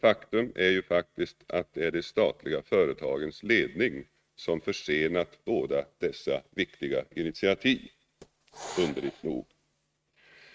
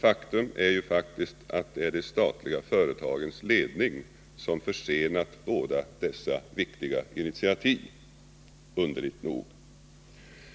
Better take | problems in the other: second | noise reduction (neural mask model RNNoise)

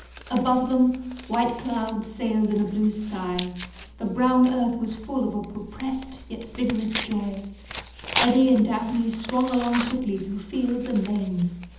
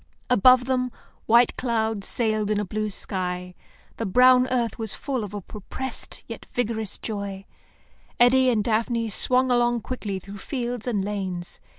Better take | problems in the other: second | background sound (Tearing); 13 dB below the speech // room echo; dies away in 0.8 s

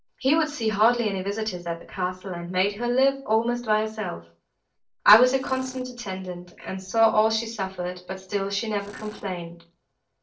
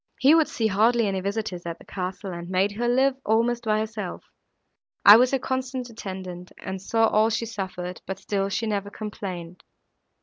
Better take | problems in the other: second | noise reduction (neural separator model SepFormer DNS4)

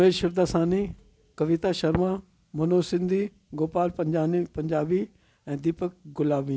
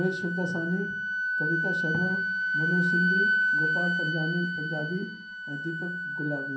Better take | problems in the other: first | background sound (Wind instrument, woodwind instrument); 3 dB above the speech // room echo; dies away in 0.6 s

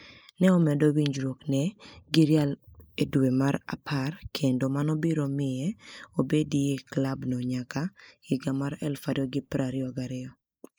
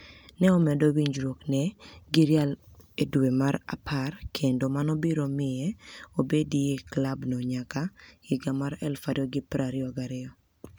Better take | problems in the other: second | noise reduction (neural mask model Resemble Enhance denoiser)

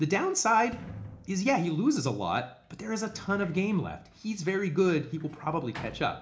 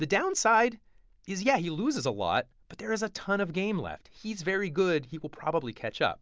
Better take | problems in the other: second | background sound (Sliding door); 19 dB below the speech // room echo; dies away in 0.4 s

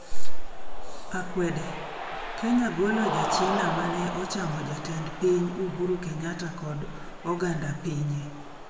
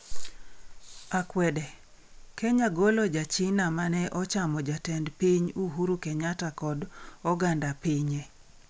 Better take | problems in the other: second | background sound (Cheering); 11 dB below the speech // room echo; dies away in 1 s

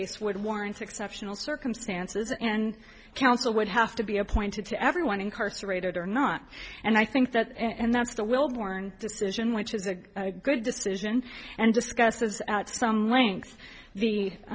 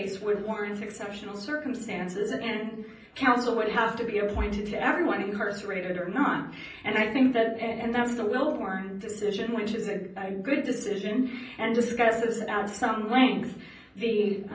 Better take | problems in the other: first | room echo; dies away in 0.6 s

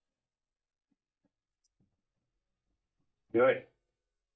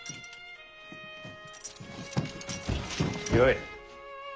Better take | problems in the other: second | noise reduction (neural mask model DeepFilterNet 3)

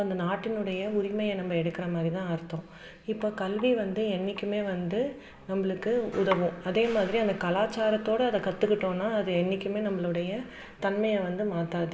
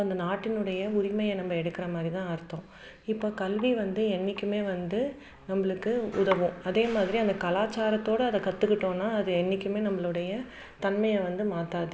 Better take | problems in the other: second | room echo; dies away in 2.4 s

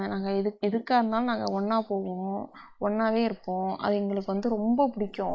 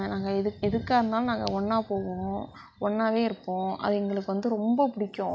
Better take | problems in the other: second | noise reduction (neural mask model Resemble Enhance denoiser)

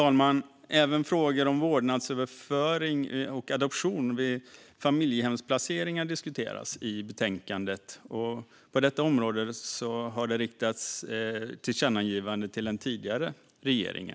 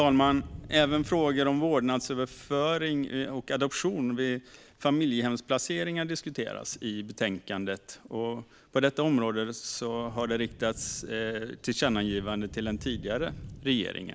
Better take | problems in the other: first | background sound (Thunder / Rain); 19 dB below the speech

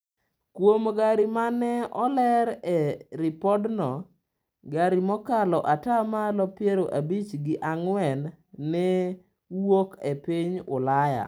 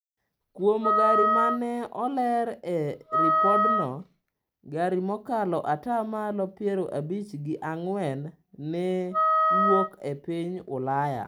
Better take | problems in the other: first | background sound (Wind instrument, woodwind instrument); 3 dB above the speech

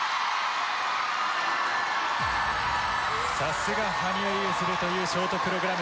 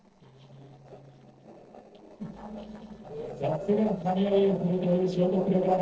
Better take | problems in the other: first | noise reduction (neural separator model SepFormer DNS4)

